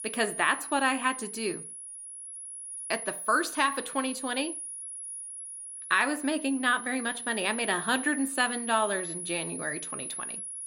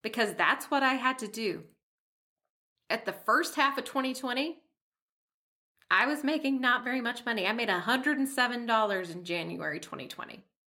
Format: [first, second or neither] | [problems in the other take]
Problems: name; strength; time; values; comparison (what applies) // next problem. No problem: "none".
second | high-pitched whine; loud; throughout; 10.5 kHz, 8 dB below the speech